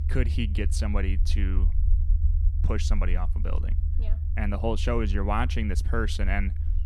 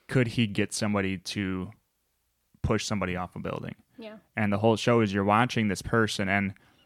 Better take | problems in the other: second | low rumble; noticeable; throughout; 15 dB below the speech

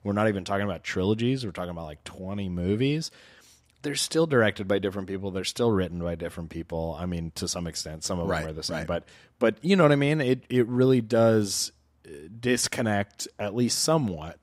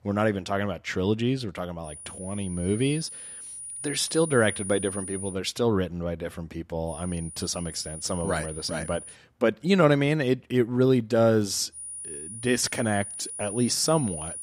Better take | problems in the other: first | high-pitched whine; loud; from 2 to 5.5 s, from 7 to 9 s and from 12 s on; 9.5 kHz, 10 dB below the speech

